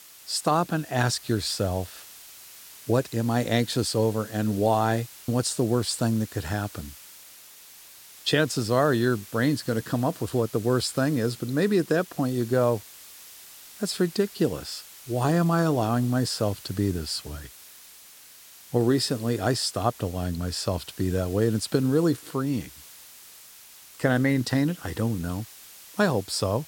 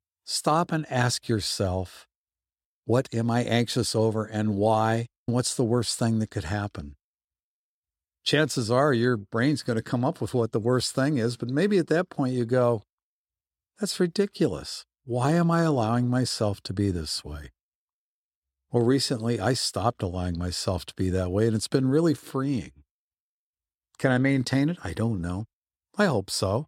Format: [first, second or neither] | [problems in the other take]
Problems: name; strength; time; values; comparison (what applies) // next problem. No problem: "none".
second | hiss; noticeable; throughout; 20 dB below the speech